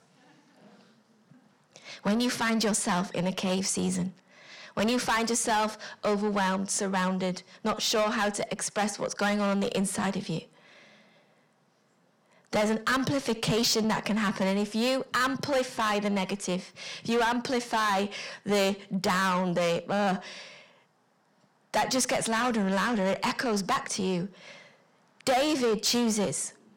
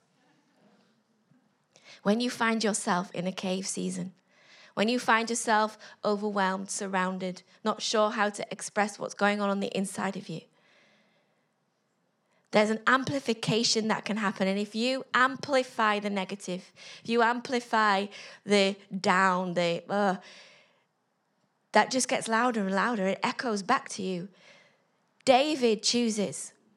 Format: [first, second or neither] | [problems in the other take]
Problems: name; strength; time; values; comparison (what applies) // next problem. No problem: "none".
second | distortion; heavy; 6 dB below the speech